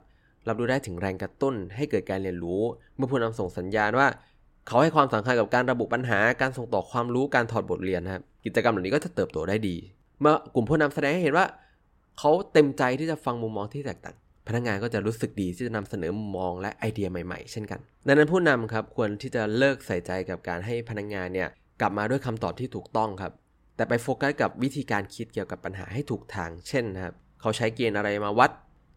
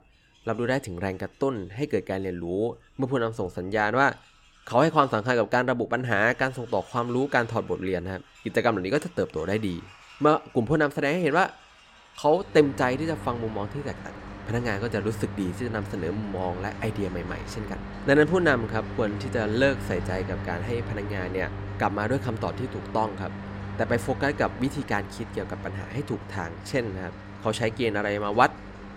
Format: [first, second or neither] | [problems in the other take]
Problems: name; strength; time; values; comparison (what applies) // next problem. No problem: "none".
first | machinery noise; noticeable; throughout; 10 dB below the speech